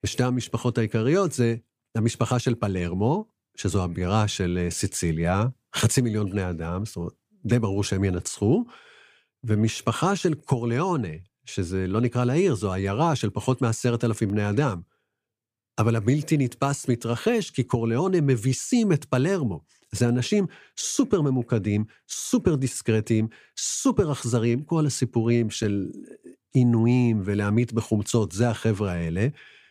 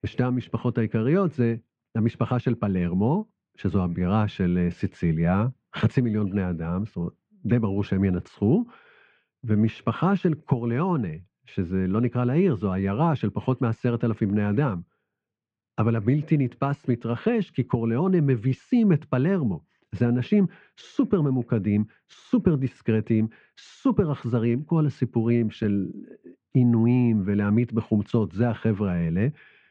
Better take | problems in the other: first | muffled; very; fading above 2.5 kHz

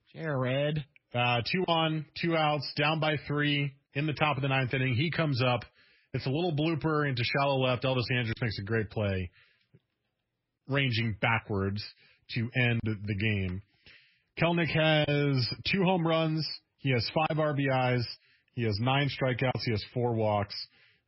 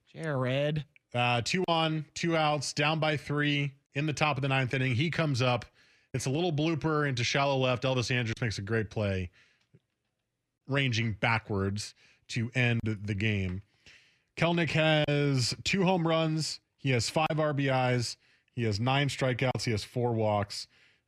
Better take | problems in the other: second | garbled, watery; badly; nothing above 5.5 kHz

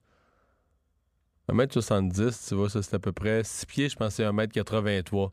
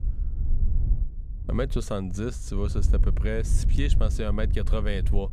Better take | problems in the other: first | wind noise on the microphone; occasional gusts; 15 dB below the speech

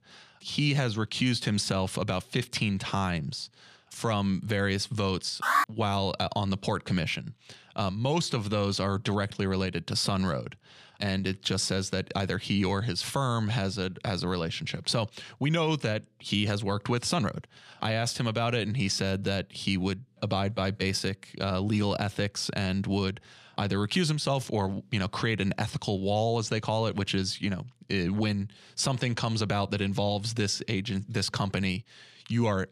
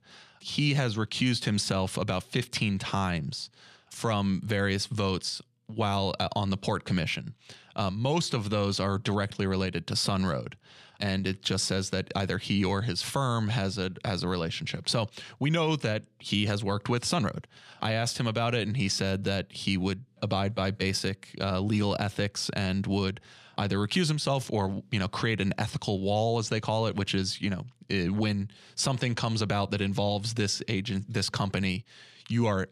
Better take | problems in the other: second | alarm; loud; at 5.5 s; peak 4 dB above the speech

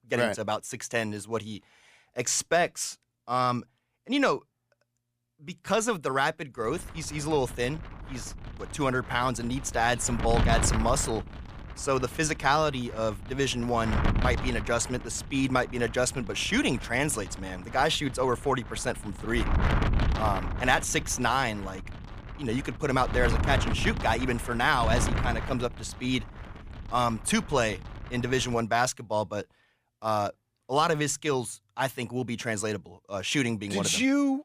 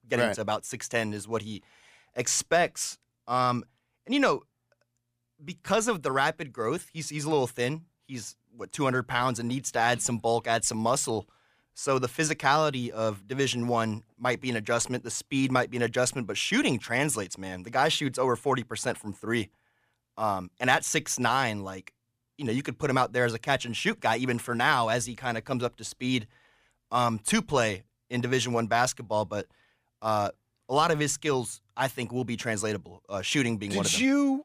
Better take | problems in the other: second | wind noise on the microphone; occasional gusts; from 6.5 to 29 s; 10 dB below the speech

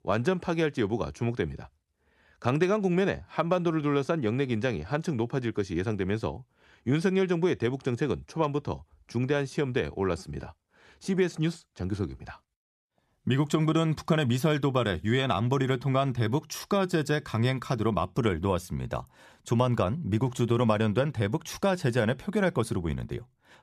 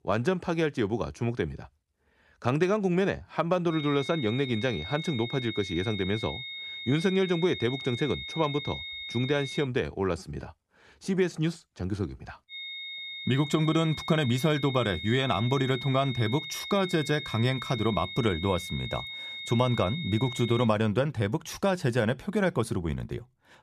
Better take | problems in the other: first | high-pitched whine; loud; from 3.5 to 9.5 s and from 13 to 21 s; 3.5 kHz, 8 dB below the speech

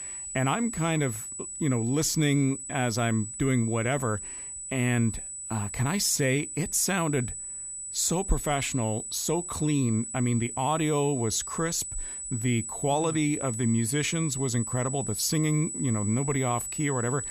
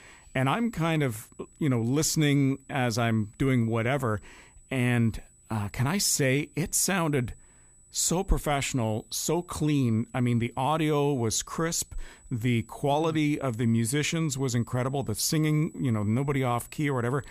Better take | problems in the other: second | high-pitched whine; loud; throughout; 8 kHz, 6 dB below the speech; faint in the second

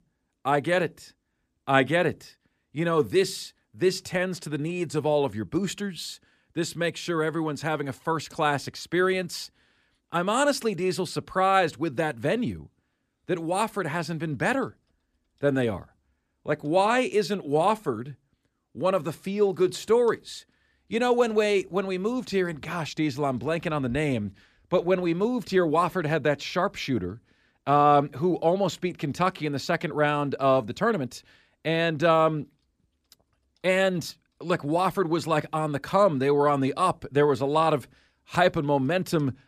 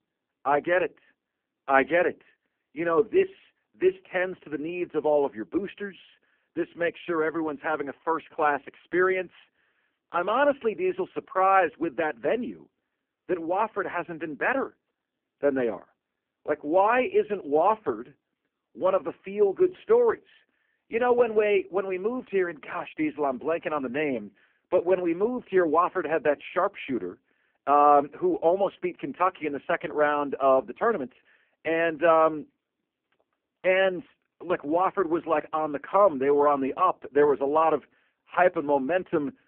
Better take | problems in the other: first | phone-call audio; poor line

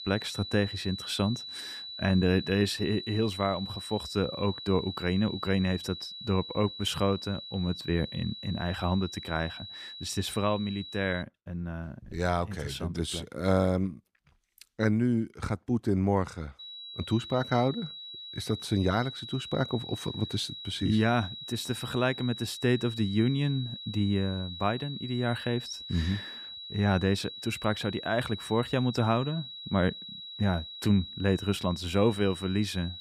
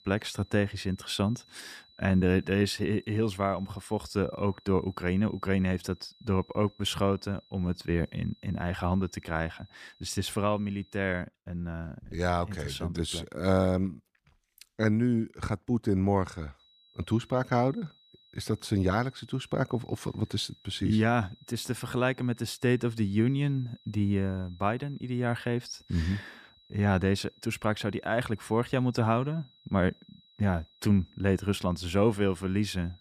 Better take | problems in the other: second | high-pitched whine; loud; until 11 s and from 17 s on; 4 kHz, 10 dB below the speech; faint in the second

